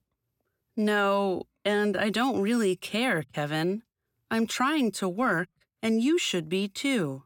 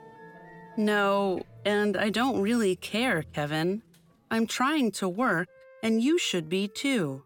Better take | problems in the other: first | background music; faint; throughout; 25 dB below the speech

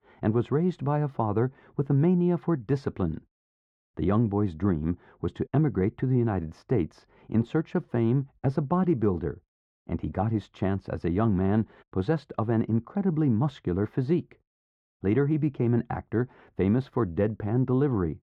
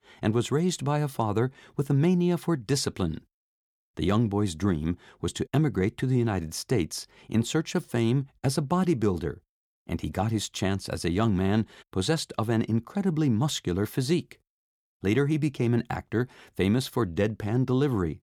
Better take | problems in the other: second | muffled; very; fading above 4 kHz

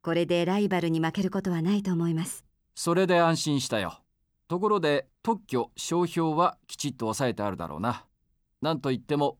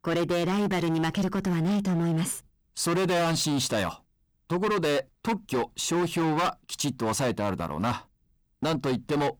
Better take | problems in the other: first | distortion; heavy; 21% of the sound clipped

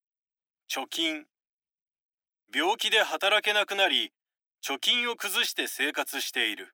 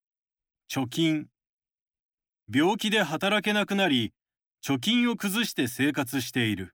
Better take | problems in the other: second | thin; very; fading below 400 Hz

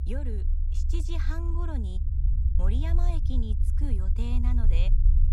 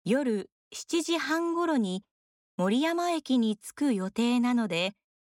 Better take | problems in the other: second | low rumble; loud; throughout; 5 dB below the speech

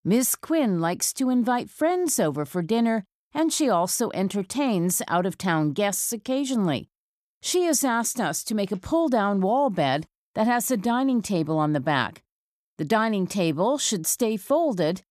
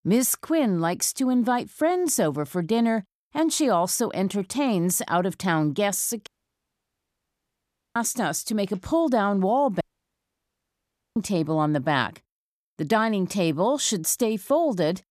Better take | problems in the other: first | audio cutting out; at 6.5 s for 1.5 s and at 10 s for 1.5 s

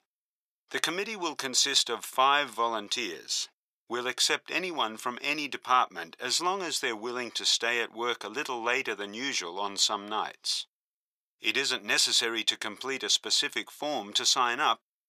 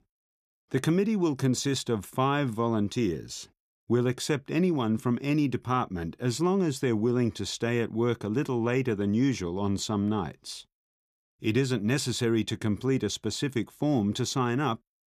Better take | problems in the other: second | thin; very; fading below 800 Hz

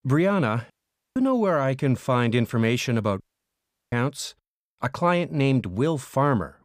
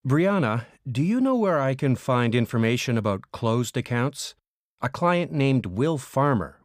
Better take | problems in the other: second | audio cutting out; at 0.5 s and at 3 s for 0.5 s

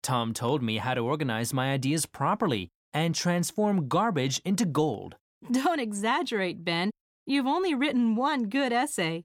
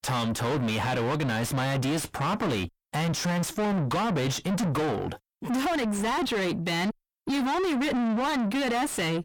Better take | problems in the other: first | distortion; heavy; 5 dB below the speech

